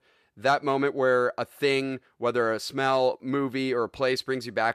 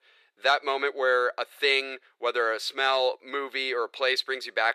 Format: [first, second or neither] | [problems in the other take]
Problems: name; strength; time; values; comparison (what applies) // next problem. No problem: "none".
first | thin; very; fading below 400 Hz